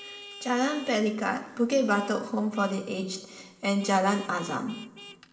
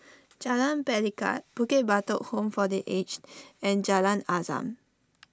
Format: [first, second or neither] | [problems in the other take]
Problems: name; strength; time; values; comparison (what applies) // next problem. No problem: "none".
second | background sound (Vehicle horn, car horn, honking); 19 dB below the speech // room echo; dies away in 2 s